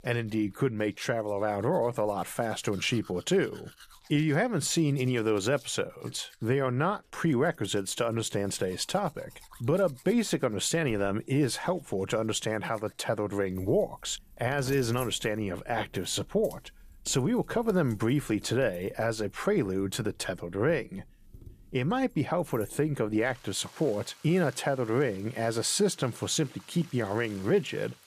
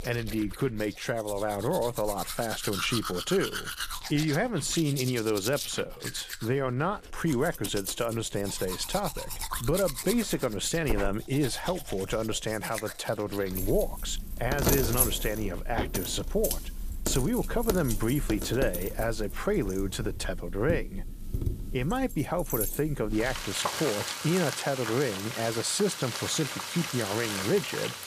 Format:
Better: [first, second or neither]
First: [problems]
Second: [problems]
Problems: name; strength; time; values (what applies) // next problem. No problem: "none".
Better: first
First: household noises; faint; throughout; 25 dB below the speech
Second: household noises; loud; throughout; 5 dB below the speech